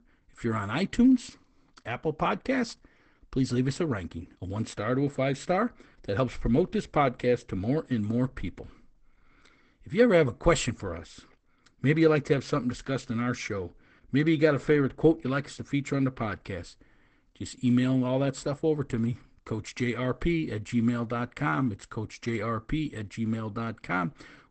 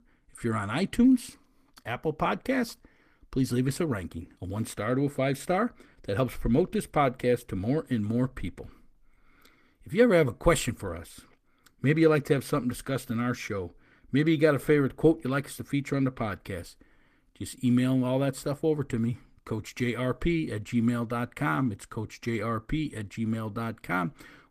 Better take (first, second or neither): second